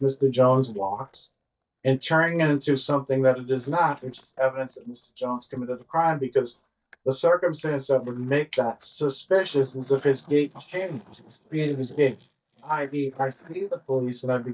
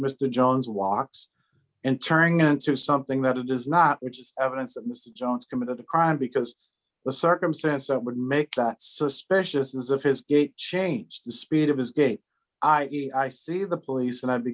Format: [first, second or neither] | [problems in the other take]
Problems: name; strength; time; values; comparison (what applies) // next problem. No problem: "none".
second | noise reduction (neural mask model DeepFilterNet 3)